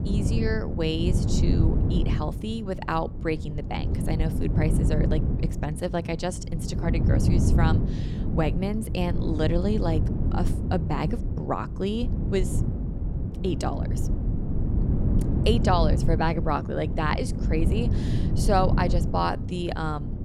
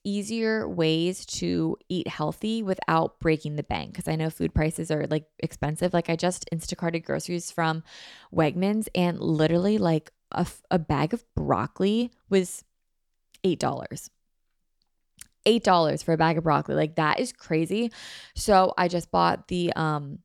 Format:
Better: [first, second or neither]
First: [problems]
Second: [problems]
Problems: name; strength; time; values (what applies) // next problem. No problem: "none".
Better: second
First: wind noise on the microphone; heavy; 7 dB below the speech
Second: none